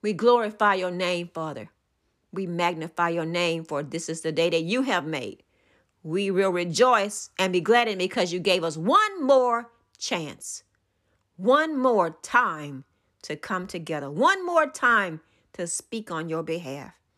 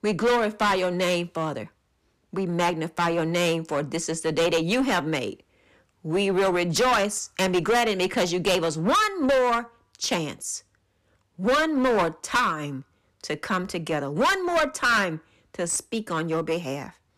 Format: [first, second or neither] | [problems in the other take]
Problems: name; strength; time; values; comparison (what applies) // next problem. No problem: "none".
first | distortion; heavy; 13% of the sound clipped